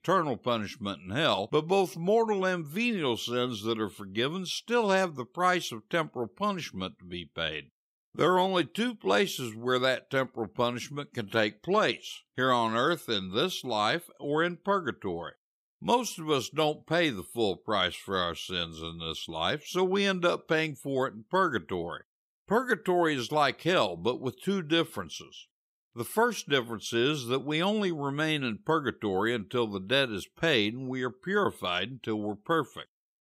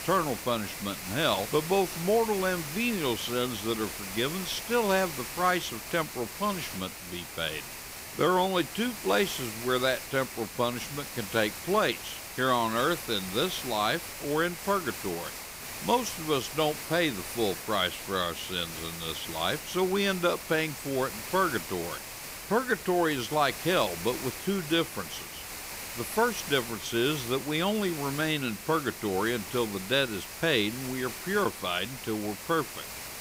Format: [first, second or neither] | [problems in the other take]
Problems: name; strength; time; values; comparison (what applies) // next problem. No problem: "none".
first | hiss; loud; throughout; 8 dB below the speech